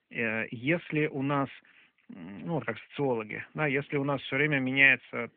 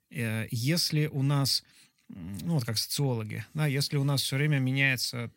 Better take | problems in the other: second | phone-call audio

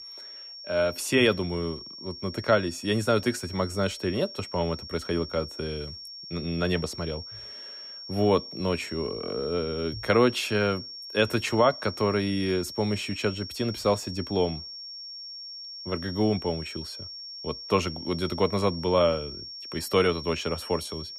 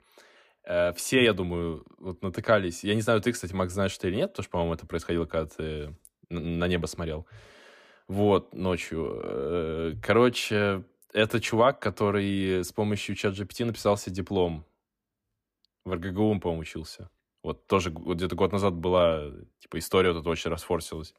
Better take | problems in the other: second | high-pitched whine; noticeable; throughout; 5.5 kHz, 10 dB below the speech

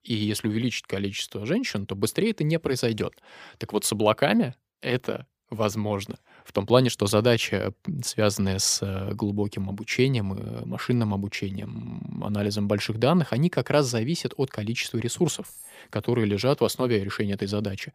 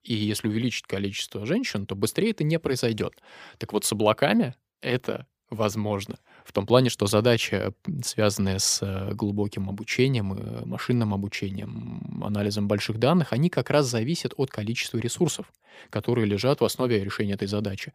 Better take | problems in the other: second | jangling keys; faint; at 15 s; peak 15 dB below the speech

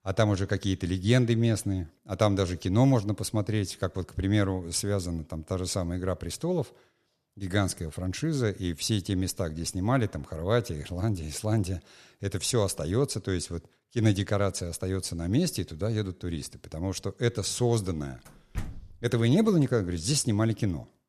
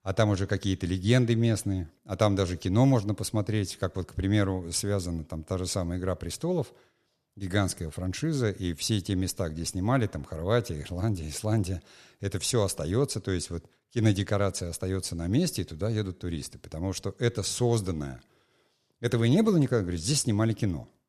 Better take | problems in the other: second | door banging; faint; at 19 s; peak 10 dB below the speech

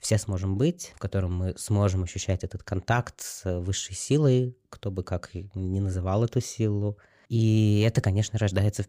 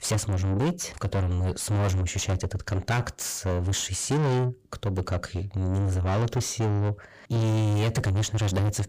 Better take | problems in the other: first | distortion; heavy; 6 dB below the speech

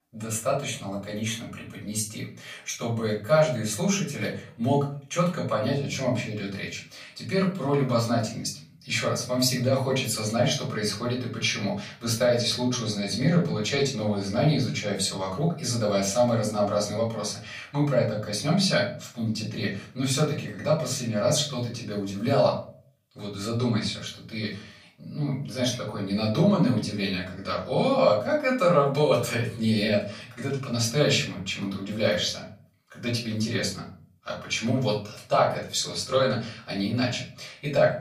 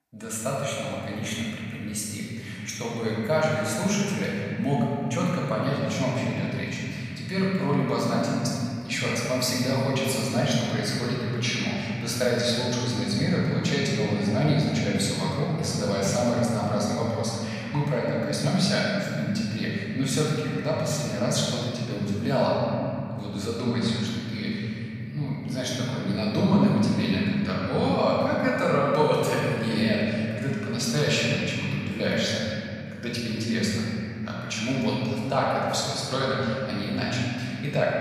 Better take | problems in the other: first | room echo; strong; dies away in 3 s; slight in the first // off-mic speech; far; far in the first

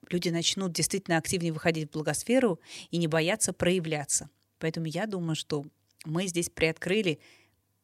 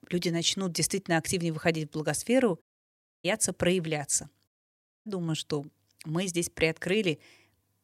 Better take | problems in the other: first | audio cutting out; at 2.5 s for 0.5 s and at 4.5 s for 0.5 s

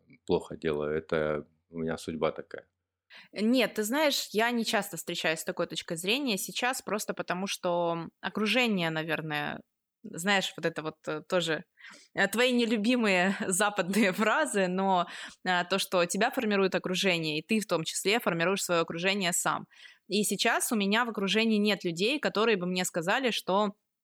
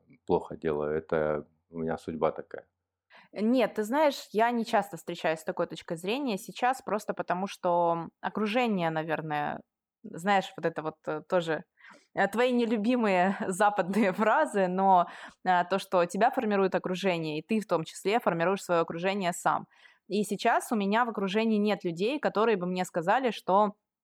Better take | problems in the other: first | muffled; slightly; fading above 2 kHz

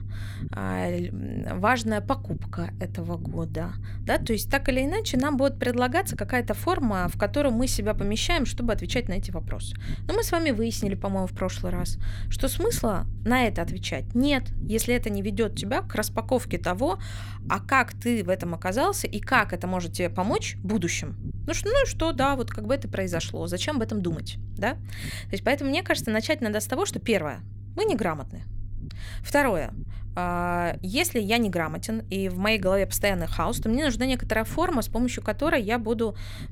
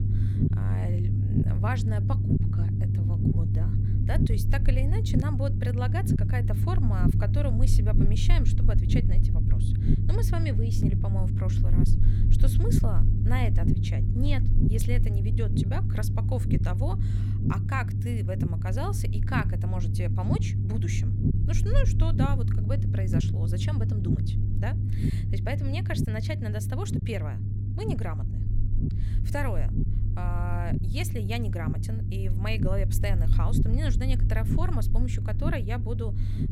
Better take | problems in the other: first | low rumble; loud; throughout; 2 dB below the speech; faint in the first

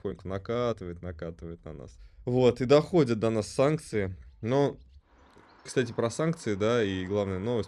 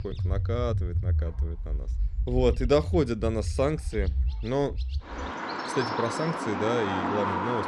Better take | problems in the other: first | animal sounds; loud; throughout; 2 dB below the speech; faint in the first

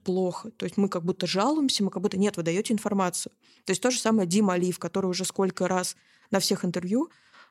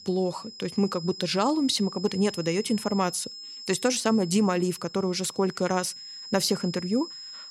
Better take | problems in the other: first | high-pitched whine; noticeable; throughout; 5 kHz, 15 dB below the speech

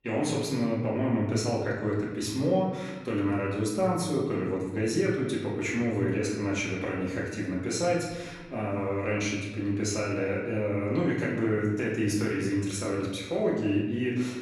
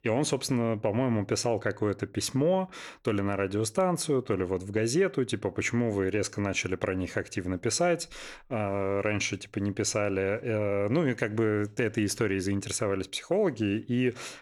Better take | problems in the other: second | off-mic speech; far // room echo; noticeable; dies away in 1.1 s

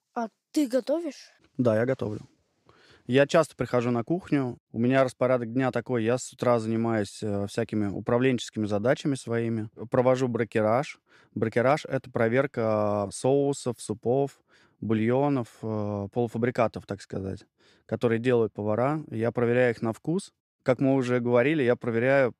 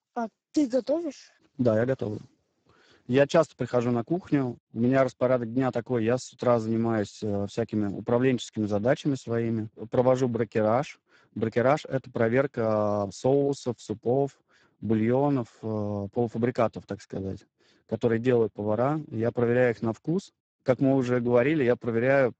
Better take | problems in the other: first | garbled, watery; badly; nothing above 7.5 kHz

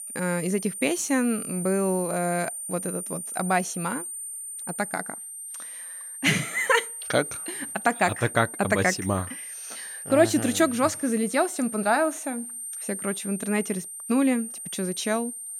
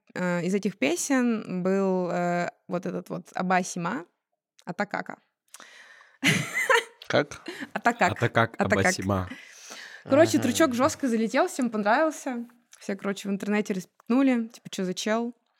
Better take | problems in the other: second | high-pitched whine; loud; throughout; 9 kHz, 8 dB below the speech

